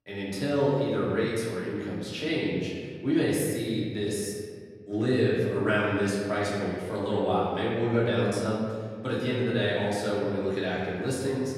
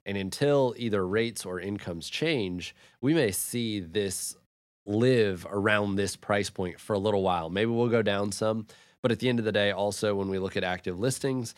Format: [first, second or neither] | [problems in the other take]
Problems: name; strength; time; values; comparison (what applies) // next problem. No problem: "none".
second | room echo; noticeable; dies away in 1.7 s // off-mic speech; far